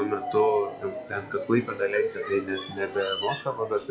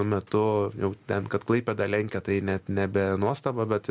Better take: second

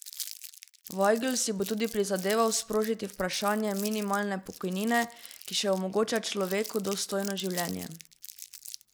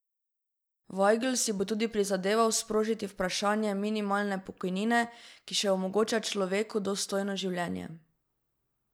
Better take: second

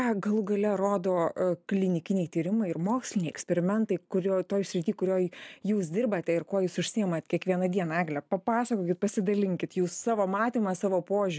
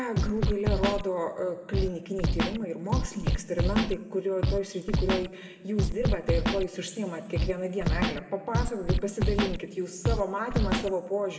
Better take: first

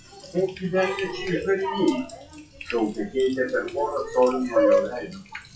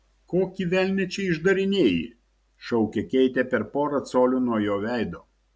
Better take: second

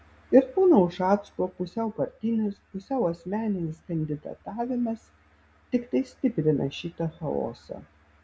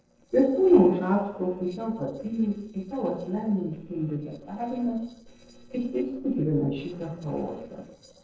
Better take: first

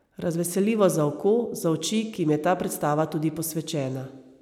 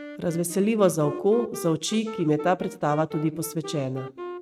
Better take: first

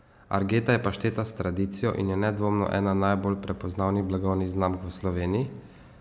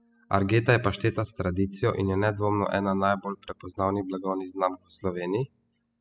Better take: first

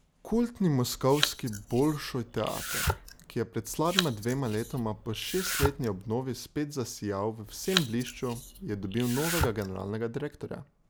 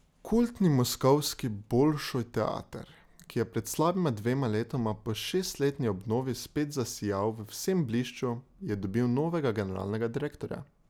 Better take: second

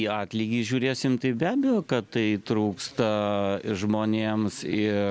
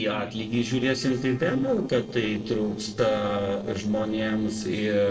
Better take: first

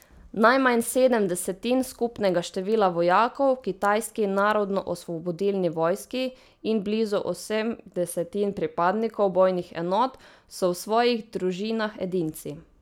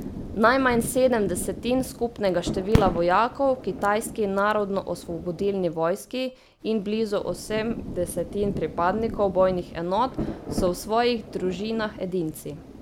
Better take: first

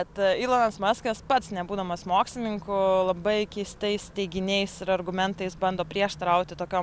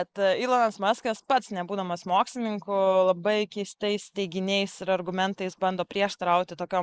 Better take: first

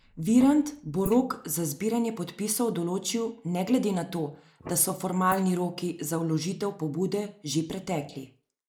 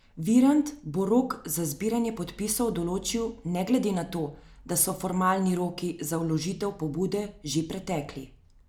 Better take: second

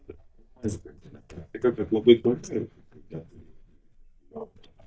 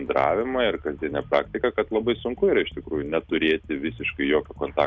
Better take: second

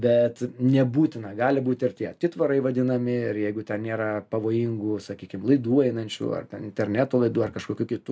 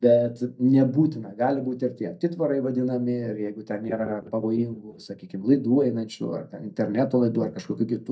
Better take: first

